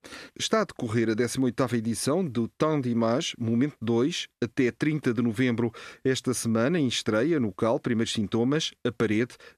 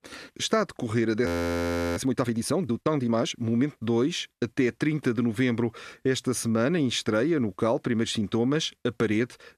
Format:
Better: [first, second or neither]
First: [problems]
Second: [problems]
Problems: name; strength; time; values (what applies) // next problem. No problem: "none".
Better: first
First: none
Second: audio freezing; at 1.5 s for 0.5 s